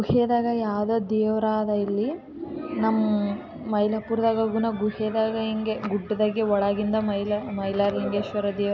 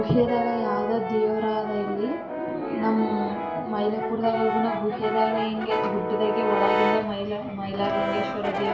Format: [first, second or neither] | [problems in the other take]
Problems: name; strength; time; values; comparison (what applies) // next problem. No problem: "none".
first | background sound (Brass instrument); 2 dB below the speech // room echo; dies away in 0.8 s